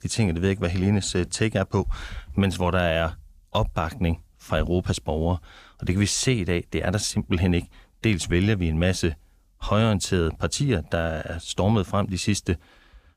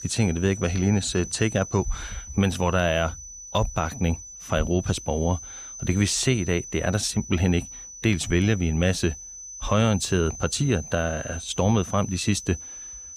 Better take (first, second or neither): first